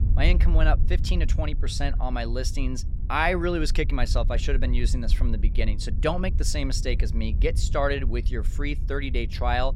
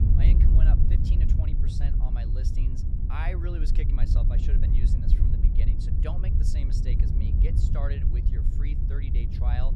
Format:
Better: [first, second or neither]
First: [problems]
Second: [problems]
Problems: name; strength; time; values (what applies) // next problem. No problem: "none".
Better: first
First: wind noise on the microphone; occasional gusts; 15 dB below the speech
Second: wind noise on the microphone; heavy; 1 dB above the speech